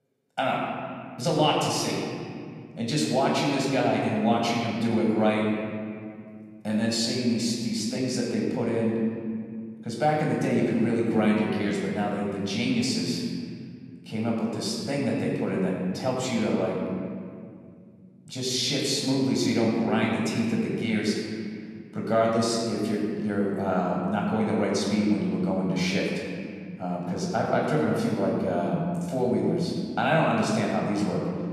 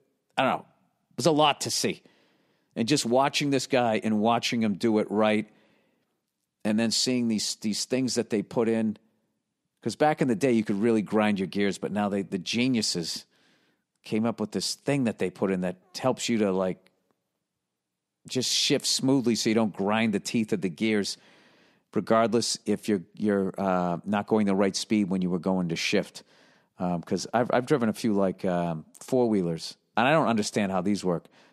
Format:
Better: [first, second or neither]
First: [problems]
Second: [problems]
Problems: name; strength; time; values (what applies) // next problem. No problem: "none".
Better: second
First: room echo; noticeable; dies away in 2.4 s // off-mic speech; far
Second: none